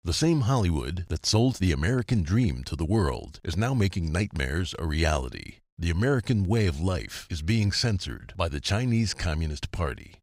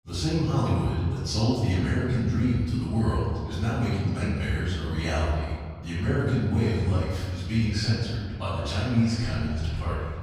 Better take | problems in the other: first | off-mic speech; far // room echo; strong; dies away in 1.8 s

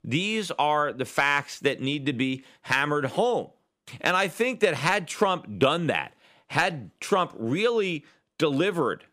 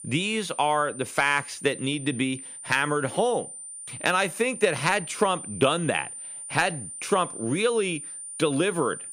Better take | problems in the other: first | high-pitched whine; noticeable; throughout; 9 kHz, 10 dB below the speech

